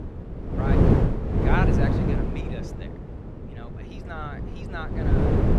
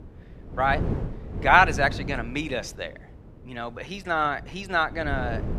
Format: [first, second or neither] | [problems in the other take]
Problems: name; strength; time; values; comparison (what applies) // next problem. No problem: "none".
second | wind noise on the microphone; heavy; 4 dB above the speech; occasional gusts in the second